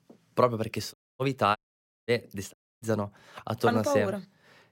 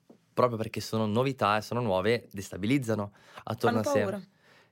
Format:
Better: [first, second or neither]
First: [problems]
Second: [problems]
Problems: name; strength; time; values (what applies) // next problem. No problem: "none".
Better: second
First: audio cutting out; at 1 s, at 1.5 s for 0.5 s and at 2.5 s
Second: none